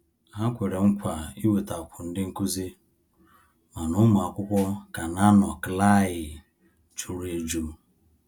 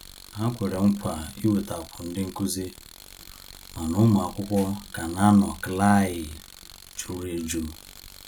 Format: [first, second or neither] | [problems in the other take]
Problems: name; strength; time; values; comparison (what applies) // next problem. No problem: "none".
first | background sound (Tools); 20 dB below the speech